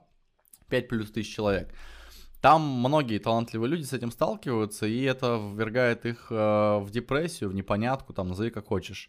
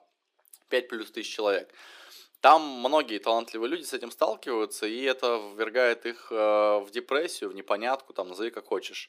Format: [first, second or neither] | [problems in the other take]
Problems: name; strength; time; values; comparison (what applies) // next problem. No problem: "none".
first | thin; somewhat; fading below 350 Hz